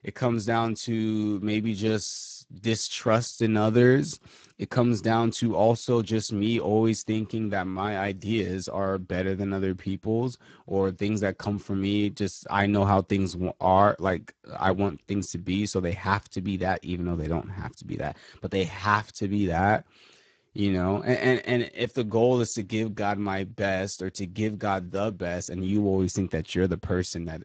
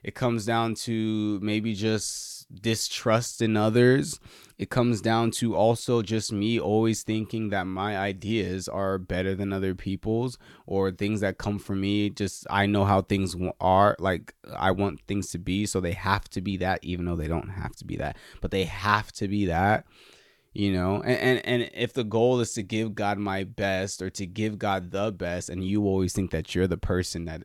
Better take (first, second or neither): second